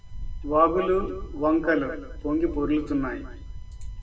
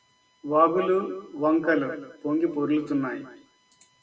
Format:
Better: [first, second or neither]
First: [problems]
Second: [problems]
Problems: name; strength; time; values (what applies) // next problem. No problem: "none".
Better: second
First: background sound (Wind / Bird); 10 dB below the speech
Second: none